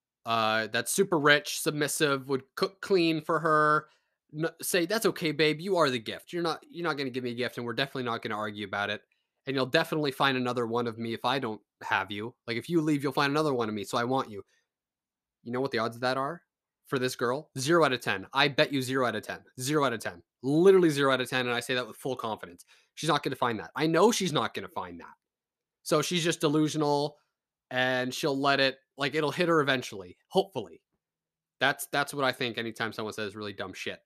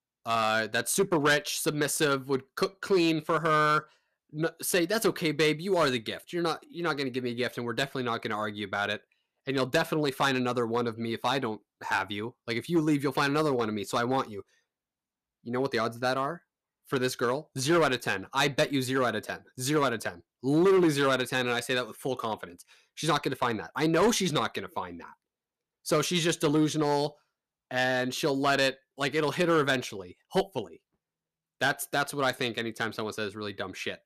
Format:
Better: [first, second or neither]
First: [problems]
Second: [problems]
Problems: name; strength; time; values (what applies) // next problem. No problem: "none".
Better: first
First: none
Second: distortion; slight; 3% of the sound clipped